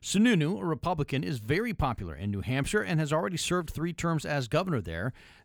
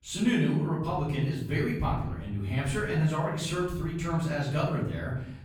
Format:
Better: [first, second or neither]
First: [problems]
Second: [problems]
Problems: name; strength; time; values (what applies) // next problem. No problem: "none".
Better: first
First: none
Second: off-mic speech; far // room echo; noticeable; dies away in 0.7 s